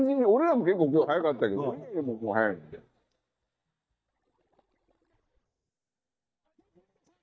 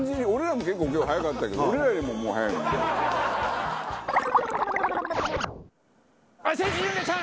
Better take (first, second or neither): second